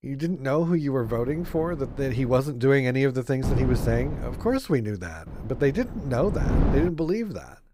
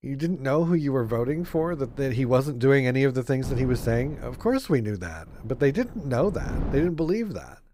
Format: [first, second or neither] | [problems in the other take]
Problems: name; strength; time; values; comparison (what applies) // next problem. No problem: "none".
second | wind noise on the microphone; heavy; from 1 to 2.5 s, from 3.5 to 4.5 s and from 5.5 to 7 s; 10 dB below the speech; occasional gusts in the second